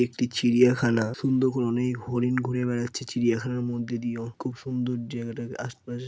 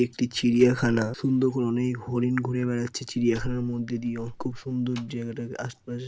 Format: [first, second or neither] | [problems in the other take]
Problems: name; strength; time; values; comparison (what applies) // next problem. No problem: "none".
first | background sound (Slam); 17 dB below the speech